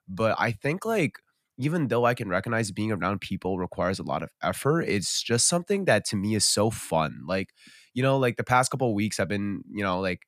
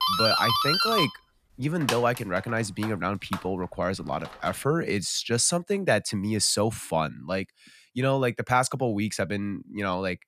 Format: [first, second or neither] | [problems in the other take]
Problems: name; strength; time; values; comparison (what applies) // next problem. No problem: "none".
first | doorbell; loud; until 4.5 s; peak 5 dB above the speech